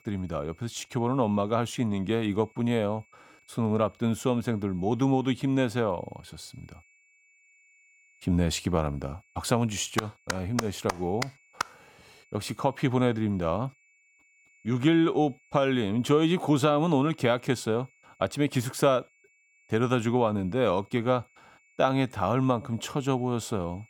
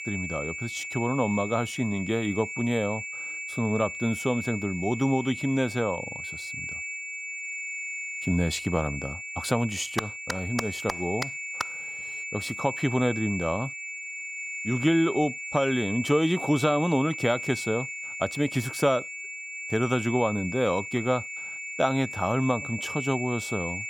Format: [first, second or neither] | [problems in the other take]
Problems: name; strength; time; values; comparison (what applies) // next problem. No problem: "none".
first | high-pitched whine; loud; throughout; 2.5 kHz, 6 dB below the speech; faint in the first